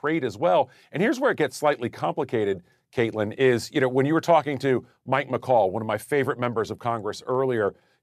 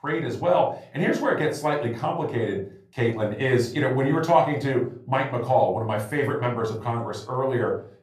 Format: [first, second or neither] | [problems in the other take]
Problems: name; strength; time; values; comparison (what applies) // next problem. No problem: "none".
first | off-mic speech; somewhat distant // room echo; slight; dies away in 0.3 s